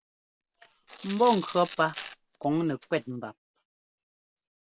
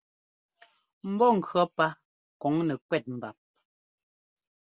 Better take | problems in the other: second | background sound (Tearing); 15 dB below the speech

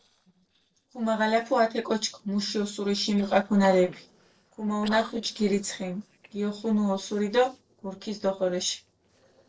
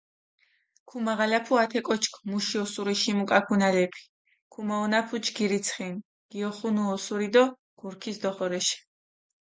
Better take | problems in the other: second | noise reduction (neural separator model SepFormer DNS4)

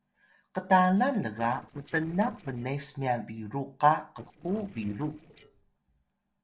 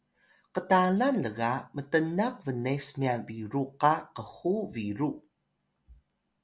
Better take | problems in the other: second | noise reduction (neural separator model SepFormer DNS4)

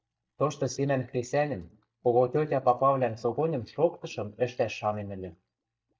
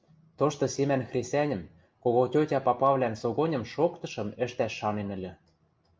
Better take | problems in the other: second | noise reduction (neural mask model DeepFilterNet 3)

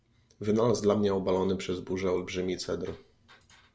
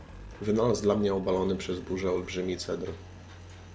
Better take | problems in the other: first | background sound (Engine); 16 dB below the speech

